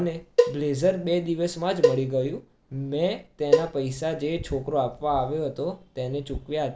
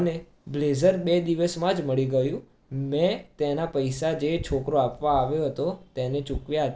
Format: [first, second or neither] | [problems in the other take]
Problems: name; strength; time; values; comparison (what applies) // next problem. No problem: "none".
second | background sound (Cowbell); as loud as the speech